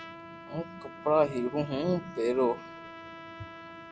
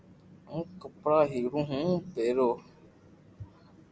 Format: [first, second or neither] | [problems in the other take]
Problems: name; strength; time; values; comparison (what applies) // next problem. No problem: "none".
second | background sound (Trumpet); 14 dB below the speech